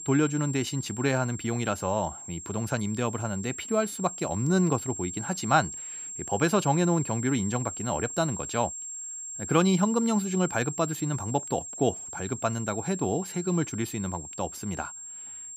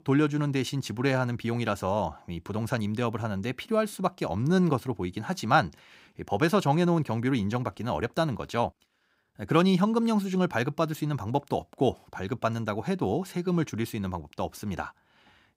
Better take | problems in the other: second | high-pitched whine; loud; throughout; 7.5 kHz, 8 dB below the speech

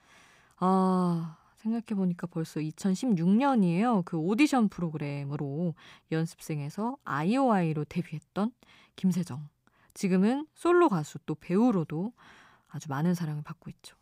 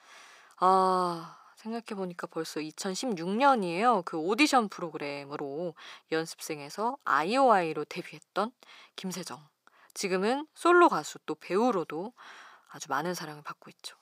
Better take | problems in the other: first | thin; somewhat; fading below 500 Hz

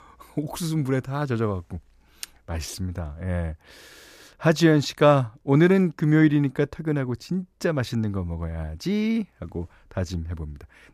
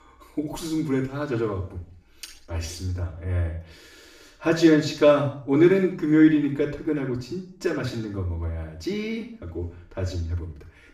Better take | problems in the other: first | room echo; noticeable; dies away in 0.5 s // off-mic speech; far

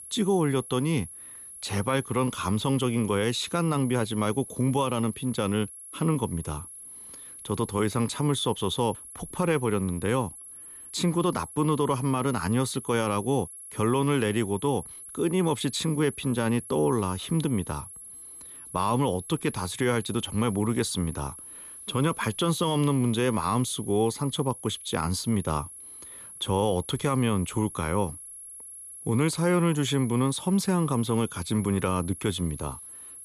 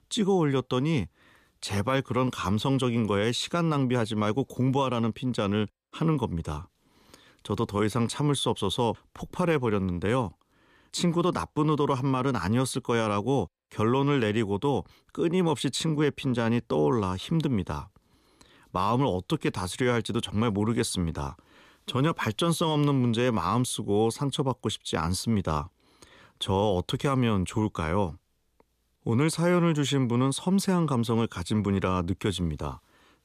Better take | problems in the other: second | high-pitched whine; noticeable; throughout; 11 kHz, 15 dB below the speech

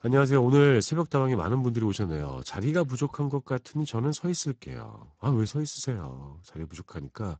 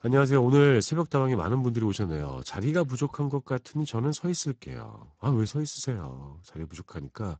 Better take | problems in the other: neither | garbled, watery; badly; nothing above 8 kHz; the same in both

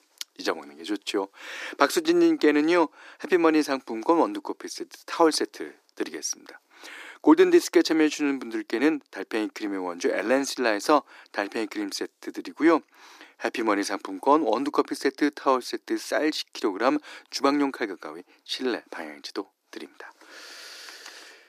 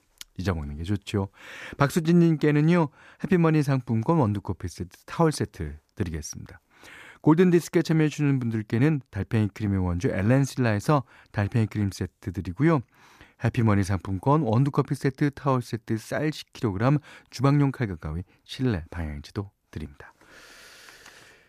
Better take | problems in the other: second | thin; somewhat; fading below 300 Hz

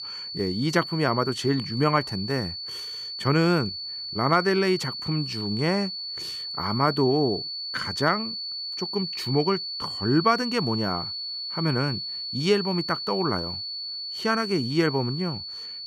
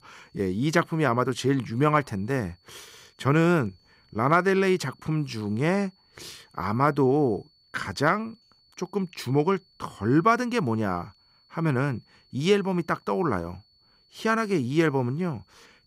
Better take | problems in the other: second | high-pitched whine; loud; throughout; 4.5 kHz, 5 dB below the speech; faint in the second

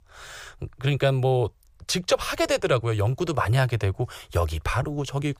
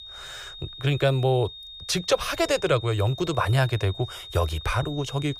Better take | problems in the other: first | high-pitched whine; noticeable; throughout; 3.5 kHz, 15 dB below the speech

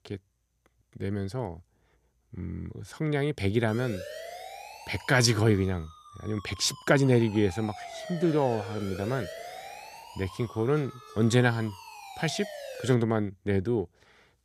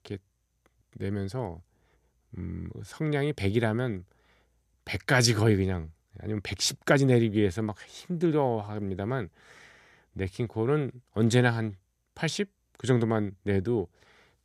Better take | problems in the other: second | siren; faint; from 3.5 to 13 s; peak 10 dB below the speech

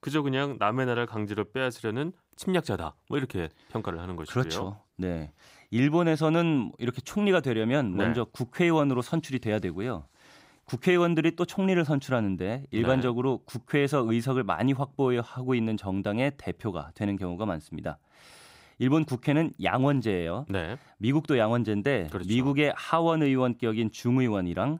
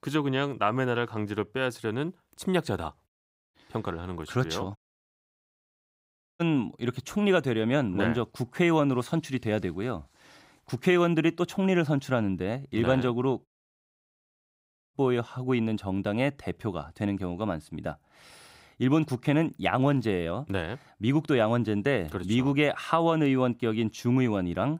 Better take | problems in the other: first | audio cutting out; at 3 s, at 5 s for 1.5 s and at 13 s for 1.5 s

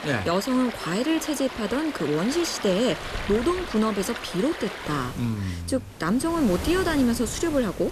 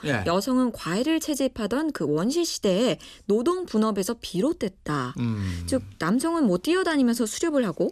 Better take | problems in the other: second | rain or running water; loud; throughout; 9 dB below the speech

